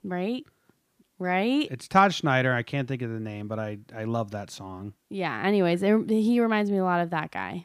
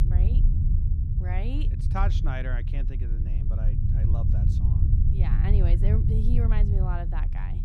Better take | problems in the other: first | low rumble; loud; throughout; 3 dB below the speech

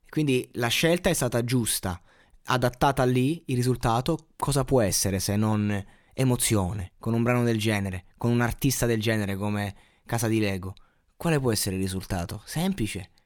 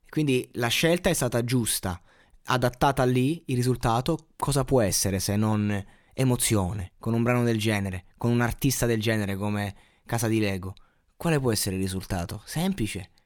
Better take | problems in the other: neither | none

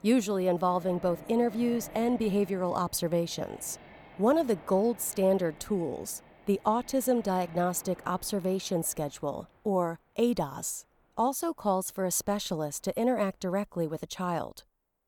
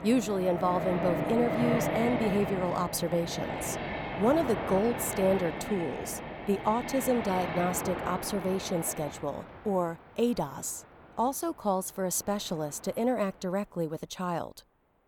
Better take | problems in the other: first | train or aircraft noise; loud; throughout; 4 dB below the speech; faint in the first

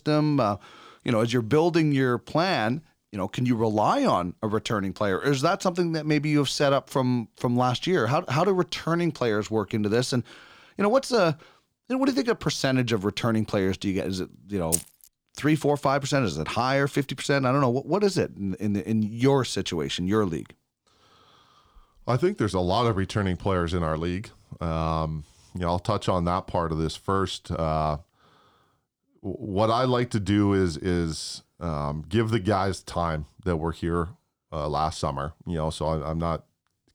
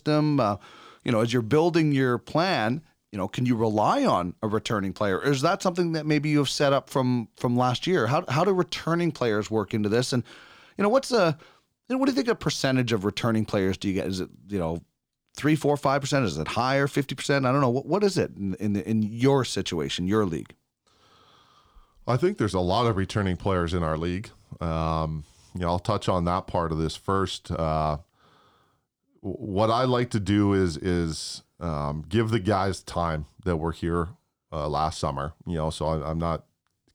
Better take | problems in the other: second | jangling keys; noticeable; at 15 s; peak 2 dB below the speech

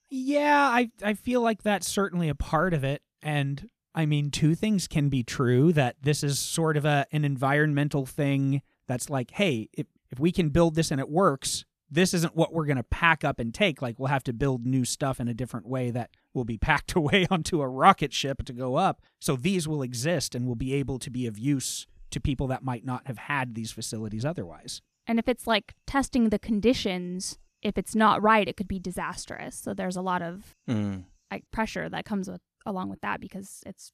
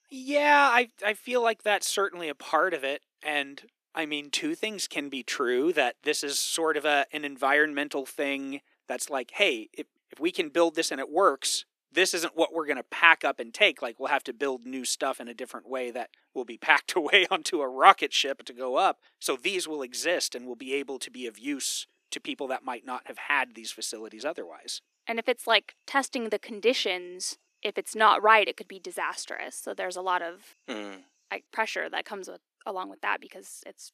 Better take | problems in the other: first | thin; very; fading below 300 Hz

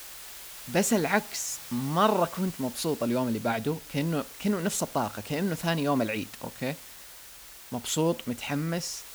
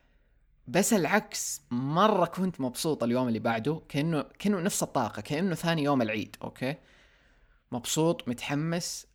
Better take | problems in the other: second | hiss; noticeable; throughout; 15 dB below the speech

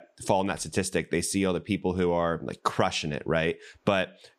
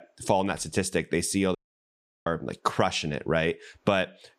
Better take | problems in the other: first | audio cutting out; at 1.5 s for 0.5 s

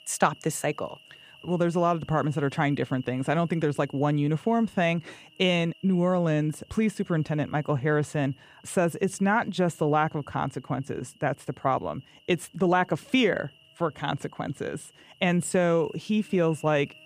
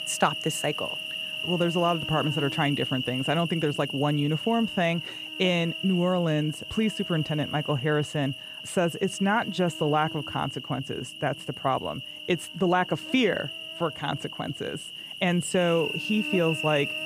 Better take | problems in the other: first | animal sounds; loud; throughout; 6 dB below the speech; faint in the first

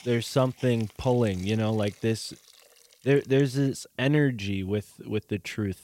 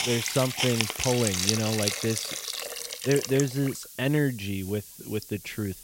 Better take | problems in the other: first | hiss; loud; throughout; 1 dB below the speech; faint in the first

